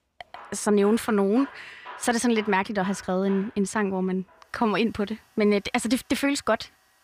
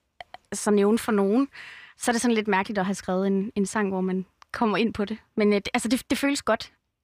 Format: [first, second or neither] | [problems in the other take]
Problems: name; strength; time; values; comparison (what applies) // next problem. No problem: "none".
second | machinery noise; faint; throughout; 20 dB below the speech